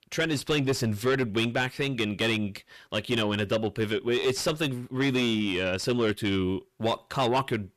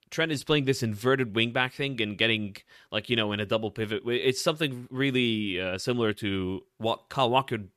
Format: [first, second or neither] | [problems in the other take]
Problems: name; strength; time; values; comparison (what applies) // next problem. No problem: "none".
second | distortion; heavy; 8 dB below the speech